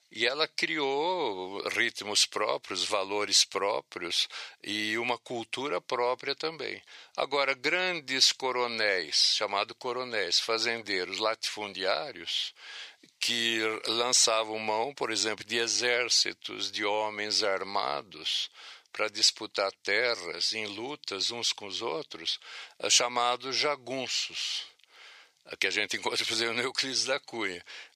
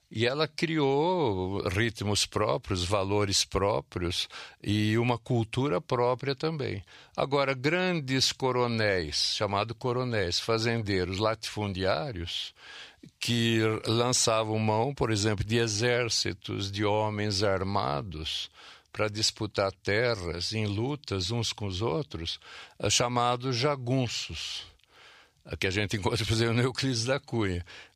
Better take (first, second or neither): second